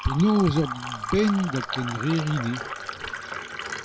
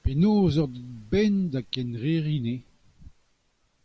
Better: second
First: background sound (Fill (with liquid)); 8 dB below the speech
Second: none

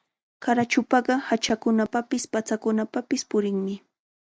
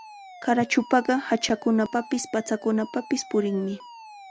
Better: first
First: none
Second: background sound (Alarm); 19 dB below the speech

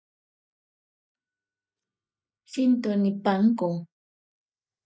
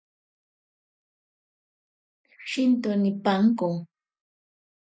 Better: second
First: noise reduction (neural mask model DeepFilterNet 3)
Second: none

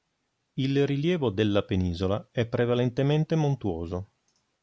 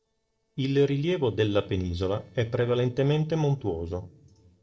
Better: first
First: none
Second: noise reduction (neural separator model SepFormer DNS4)

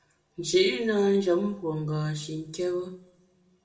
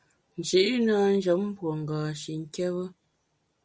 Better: second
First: room echo; dies away in 0.5 s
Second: none

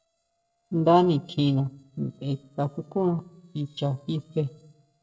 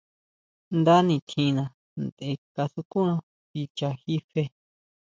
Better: second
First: noise reduction (neural separator model SepFormer DNS4)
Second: none

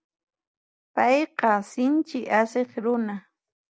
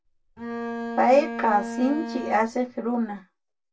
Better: first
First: none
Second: background sound (Bowed string instrument); 8 dB below the speech // room echo; dies away in 0.1 s

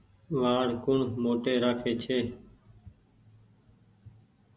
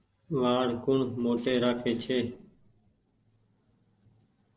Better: first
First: none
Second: noise reduction (neural separator model SepFormer DNS4)

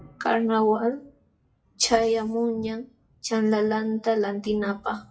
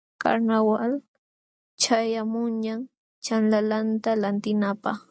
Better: second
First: noise reduction (classical method WPE with log-MMSE)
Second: none

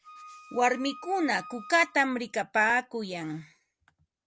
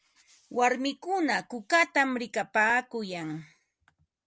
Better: second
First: background sound (Wind instrument, woodwind instrument); 18 dB below the speech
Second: none

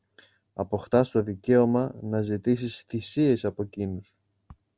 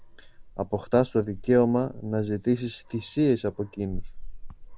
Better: first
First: none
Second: background sound (Dog); 13 dB below the speech

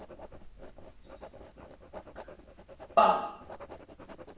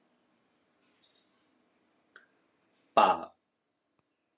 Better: second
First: background sound (Writing); 14 dB below the speech // room echo; dies away in 0.7 s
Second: none

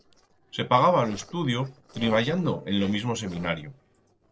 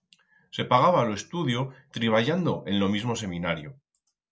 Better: second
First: noise reduction (neural separator model SepFormer DNS4)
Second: none

